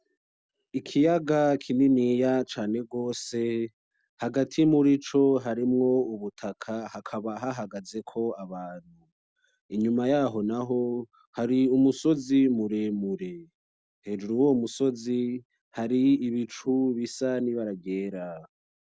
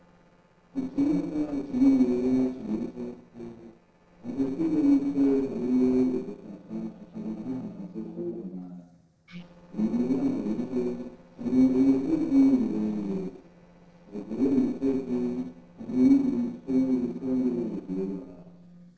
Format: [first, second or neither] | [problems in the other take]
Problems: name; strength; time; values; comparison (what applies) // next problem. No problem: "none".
first | noise reduction (neural separator model SepFormer DNS4)